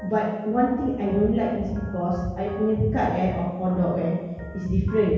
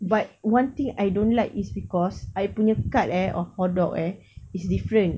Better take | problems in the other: second | background sound (Organ); 19 dB below the speech // room echo; dies away in 1.2 s

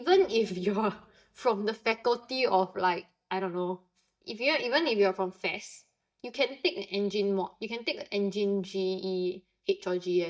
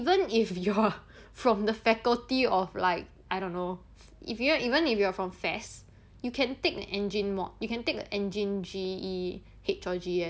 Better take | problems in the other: second | noise reduction (neural mask model DeepFilterNet 3)

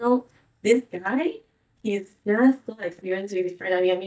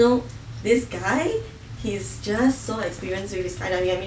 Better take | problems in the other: second | noise reduction (neural mask model DeepFilterNet 3)

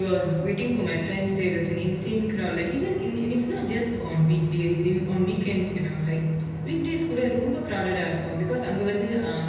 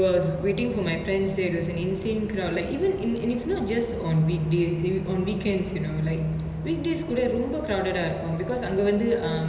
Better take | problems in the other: second | room echo; dies away in 0.9 s

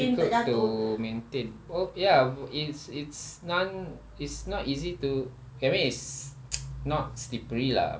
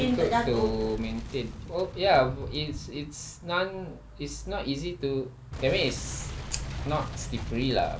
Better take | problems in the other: first | background sound (Boom); 10 dB below the speech

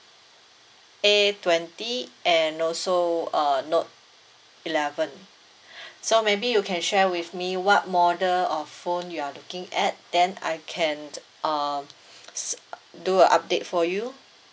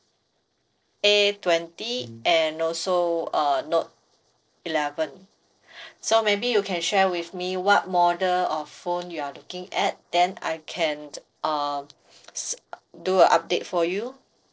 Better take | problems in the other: first | noise reduction (neural separator model SepFormer DNS4)

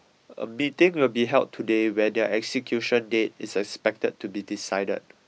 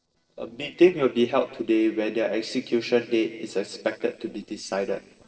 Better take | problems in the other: first | noise reduction (neural separator model SepFormer DNS4)

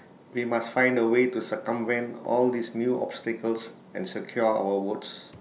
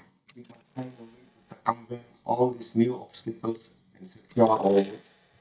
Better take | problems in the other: first | noise reduction (neural mask model DeepFilterNet 3)

